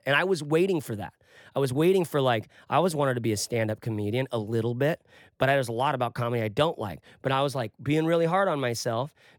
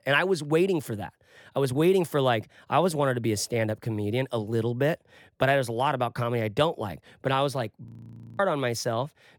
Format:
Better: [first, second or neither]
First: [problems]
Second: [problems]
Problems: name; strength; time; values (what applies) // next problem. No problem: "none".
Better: first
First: none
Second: audio freezing; at 8 s for 0.5 s